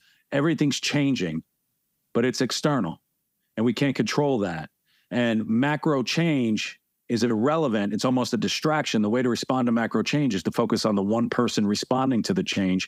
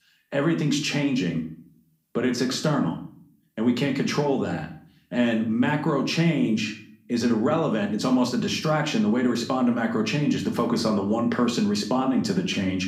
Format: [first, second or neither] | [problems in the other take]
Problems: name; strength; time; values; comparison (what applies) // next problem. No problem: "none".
first | room echo; slight; dies away in 0.4 s // off-mic speech; somewhat distant